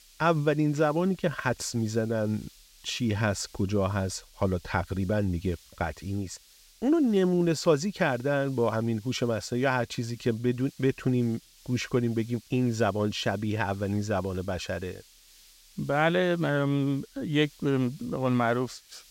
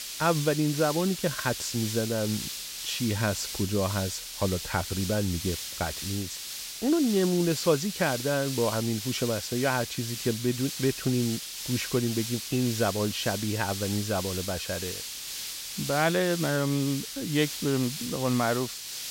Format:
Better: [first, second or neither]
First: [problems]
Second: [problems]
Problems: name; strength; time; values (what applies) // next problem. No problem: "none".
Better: first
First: hiss; faint; throughout; 25 dB below the speech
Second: hiss; loud; throughout; 5 dB below the speech